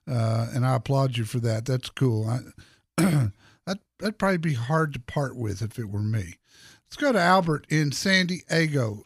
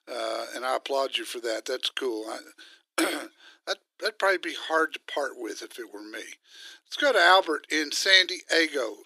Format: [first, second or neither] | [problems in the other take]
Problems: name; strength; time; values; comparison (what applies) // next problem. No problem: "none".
first | thin; very; fading below 300 Hz